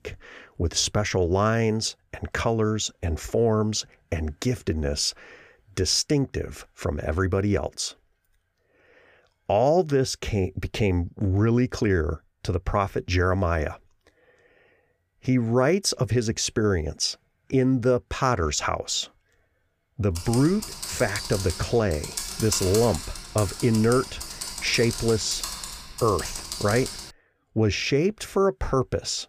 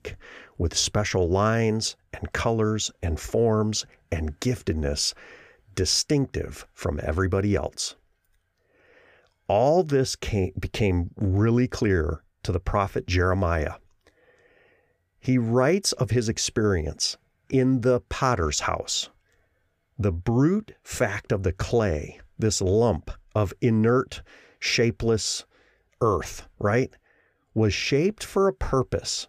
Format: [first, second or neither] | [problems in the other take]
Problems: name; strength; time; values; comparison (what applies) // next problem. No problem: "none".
second | keyboard typing; noticeable; from 20 to 27 s; peak 3 dB below the speech